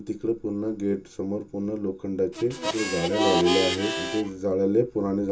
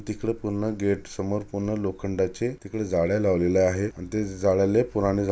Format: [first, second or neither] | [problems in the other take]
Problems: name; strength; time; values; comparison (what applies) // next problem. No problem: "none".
second | background sound (Harmonica); 2 dB below the speech // room echo; dies away in 0.2 s